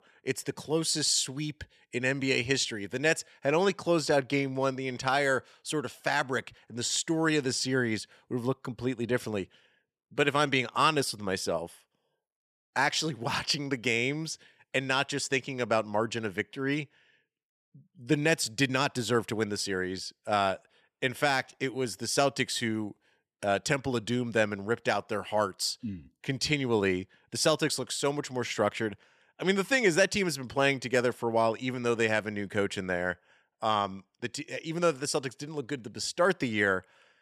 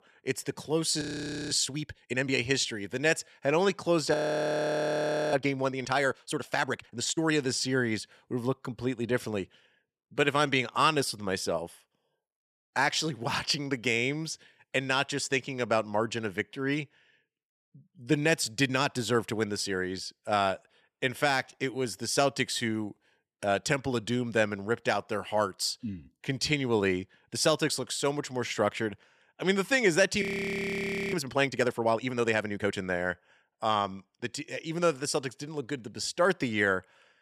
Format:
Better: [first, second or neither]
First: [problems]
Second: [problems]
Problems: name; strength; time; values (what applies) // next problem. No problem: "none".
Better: first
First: none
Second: audio freezing; at 1 s, at 4 s for 1 s and at 30 s for 1 s